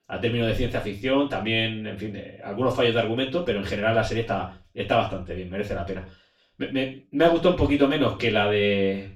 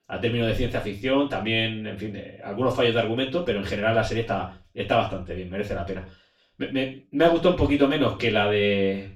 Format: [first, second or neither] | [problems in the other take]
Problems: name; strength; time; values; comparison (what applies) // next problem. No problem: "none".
neither | room echo; slight; dies away in 0.3 s; the same in both // off-mic speech; far; the same in both